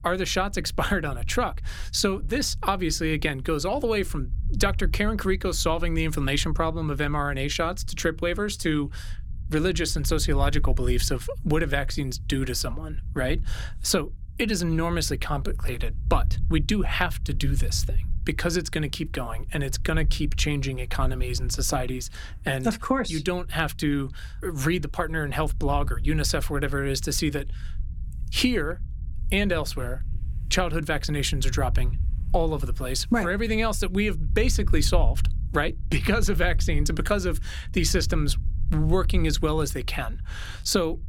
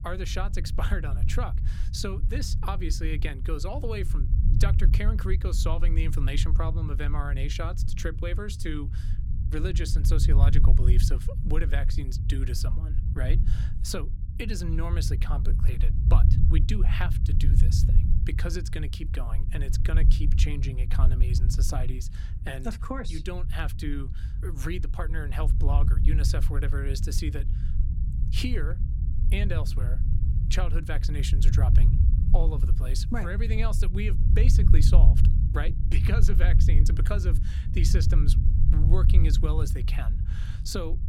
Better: first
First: low rumble; faint; throughout; 25 dB below the speech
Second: low rumble; loud; throughout; 6 dB below the speech

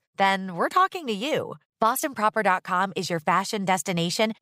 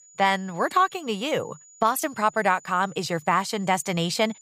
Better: first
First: none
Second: high-pitched whine; faint; throughout; 7 kHz, 25 dB below the speech

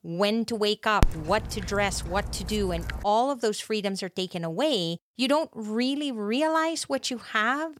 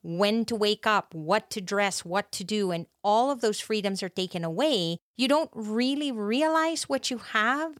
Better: second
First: dog barking; noticeable; from 1 to 3 s; peak 2 dB below the speech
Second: none

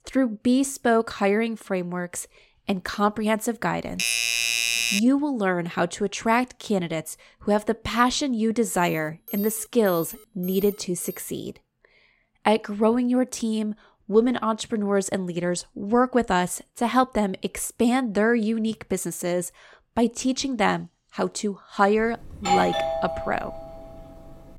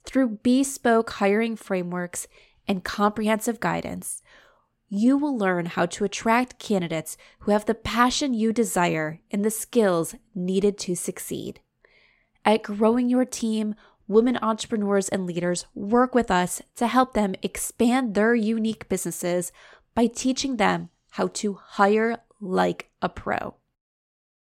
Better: second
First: doorbell; loud; from 4 to 5 s and from 22 to 24 s; peak 4 dB above the speech // alarm; noticeable; from 9 to 11 s; peak 10 dB below the speech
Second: none

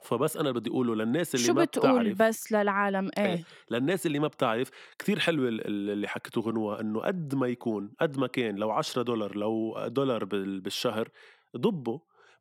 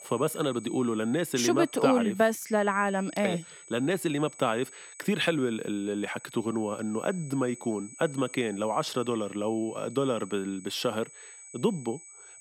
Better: first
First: none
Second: high-pitched whine; noticeable; throughout; 8 kHz, 15 dB below the speech

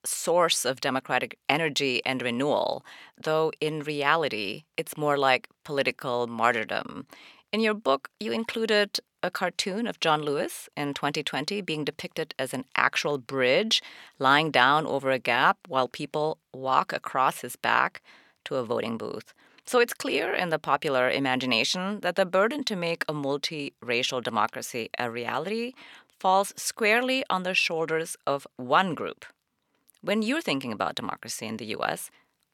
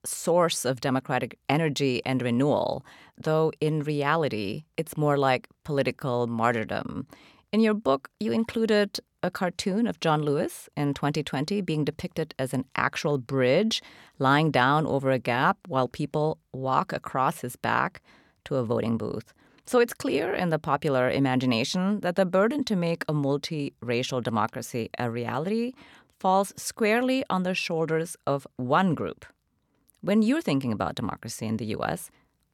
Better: second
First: thin; very slightly; fading below 500 Hz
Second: none

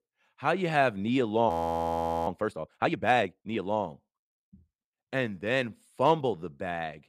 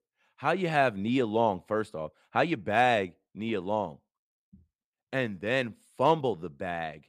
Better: second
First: audio freezing; at 1.5 s for 1 s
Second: none

